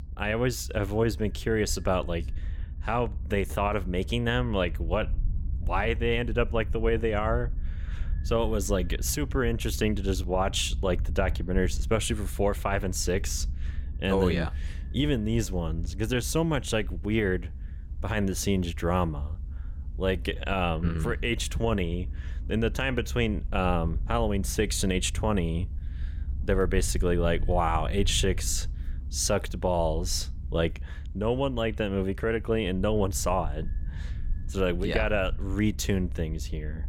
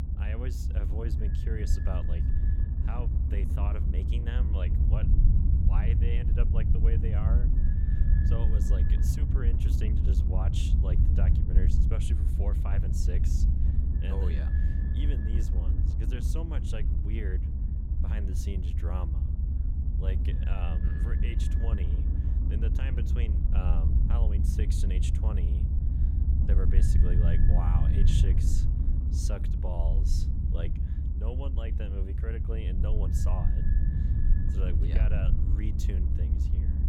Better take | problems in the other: first | low rumble; loud; throughout; as loud as the speech; faint in the first

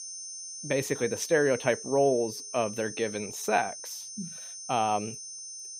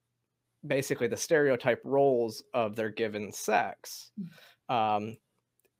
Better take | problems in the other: second | high-pitched whine; loud; throughout; 6 kHz, 10 dB below the speech

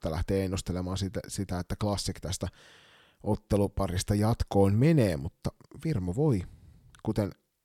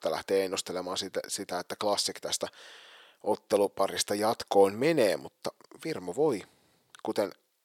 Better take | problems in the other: first | thin; very; fading below 500 Hz

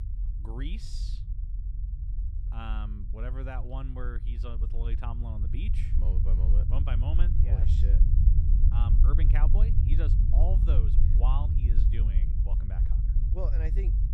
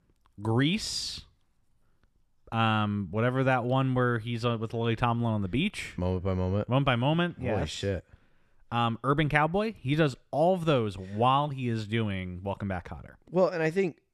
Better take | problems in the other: second | low rumble; loud; throughout; 3 dB below the speech

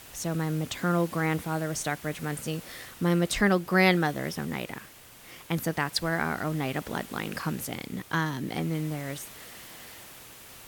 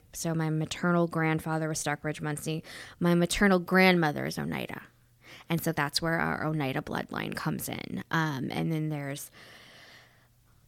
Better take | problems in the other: second | hiss; noticeable; throughout; 15 dB below the speech

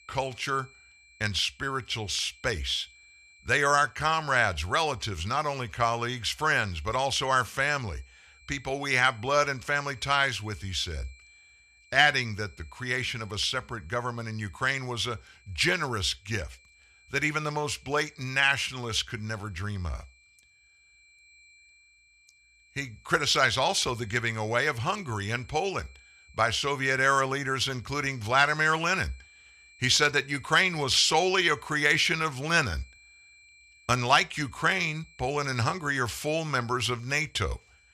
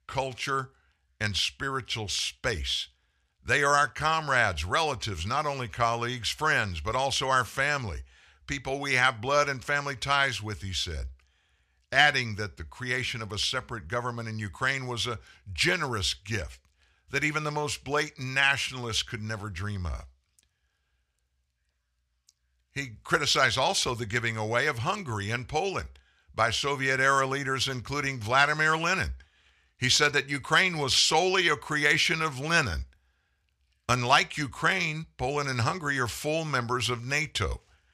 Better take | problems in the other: second | high-pitched whine; faint; throughout; 2.5 kHz, 30 dB below the speech

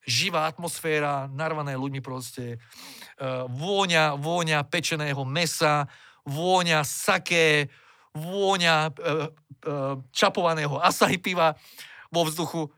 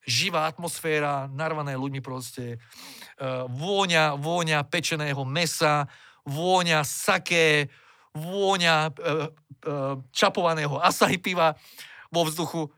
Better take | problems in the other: neither | none

